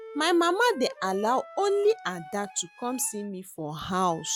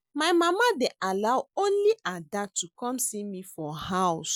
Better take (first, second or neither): second